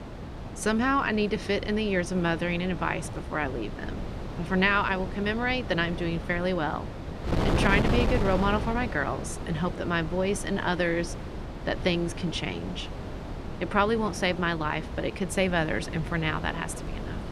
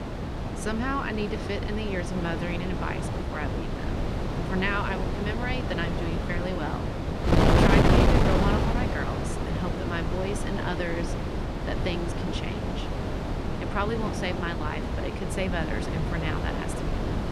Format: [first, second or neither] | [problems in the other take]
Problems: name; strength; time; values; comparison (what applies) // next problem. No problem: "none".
first | wind noise on the microphone; heavy; 1 dB above the speech; occasional gusts in the first